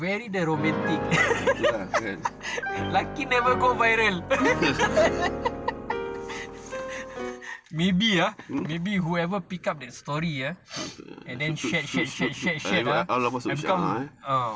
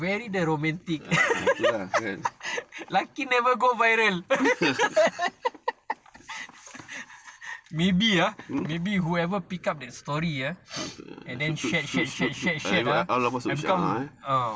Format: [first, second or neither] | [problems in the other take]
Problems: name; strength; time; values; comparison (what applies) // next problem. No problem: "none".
second | background sound (Piano); 8 dB below the speech